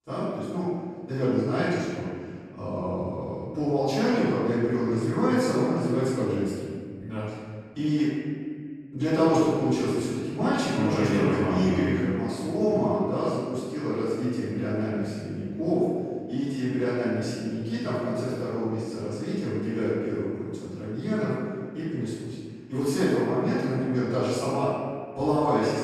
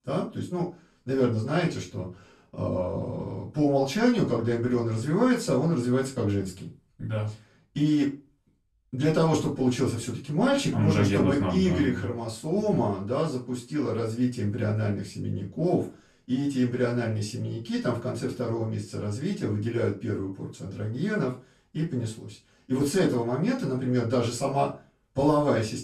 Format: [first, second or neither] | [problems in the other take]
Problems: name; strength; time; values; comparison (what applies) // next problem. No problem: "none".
second | room echo; strong; dies away in 1.8 s; slight in the second // off-mic speech; far; far in the second